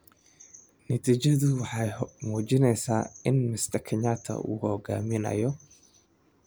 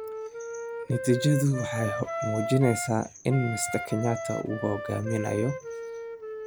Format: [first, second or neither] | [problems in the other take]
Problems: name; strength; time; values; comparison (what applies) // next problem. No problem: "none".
first | background sound (Wind instrument, woodwind instrument); 7 dB below the speech